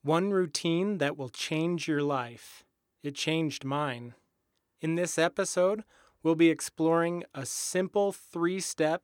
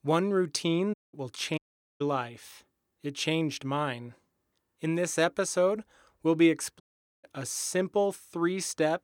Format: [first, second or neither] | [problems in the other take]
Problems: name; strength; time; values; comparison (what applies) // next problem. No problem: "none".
first | audio cutting out; at 1 s, at 1.5 s and at 7 s